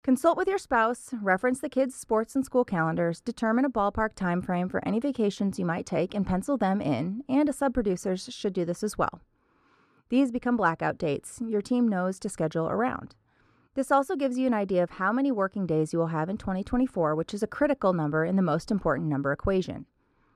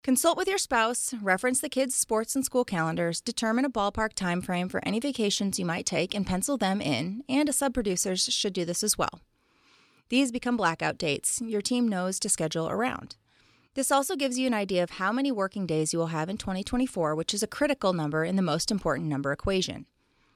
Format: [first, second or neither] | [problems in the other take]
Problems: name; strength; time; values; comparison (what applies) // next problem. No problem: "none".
second | muffled; very; fading above 2 kHz